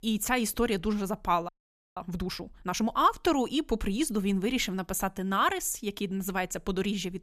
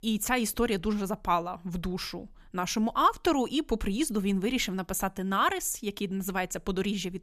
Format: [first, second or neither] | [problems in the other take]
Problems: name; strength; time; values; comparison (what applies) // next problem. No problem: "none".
second | audio freezing; at 1.5 s